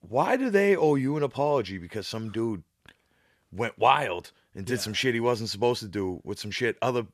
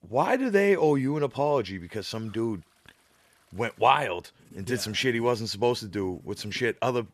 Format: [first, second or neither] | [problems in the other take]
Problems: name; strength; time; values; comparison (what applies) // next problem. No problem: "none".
first | household noises; faint; throughout; 30 dB below the speech